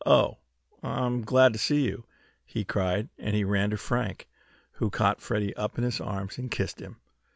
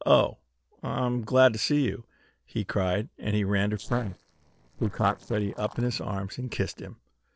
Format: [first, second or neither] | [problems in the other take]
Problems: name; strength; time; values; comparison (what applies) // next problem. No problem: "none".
first | noise reduction (neural separator model SepFormer DNS4)